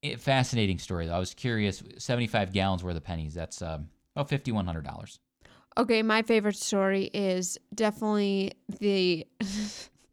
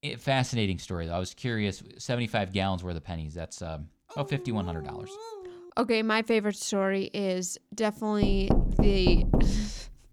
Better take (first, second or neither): first